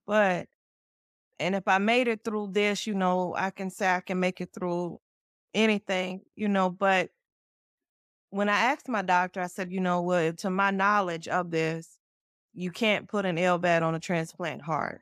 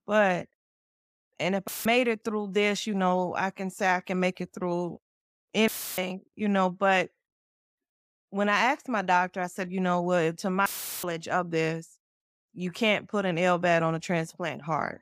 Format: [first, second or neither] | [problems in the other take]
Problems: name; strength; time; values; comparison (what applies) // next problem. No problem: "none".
first | audio cutting out; filled with static; at 1.5 s, at 5.5 s and at 11 s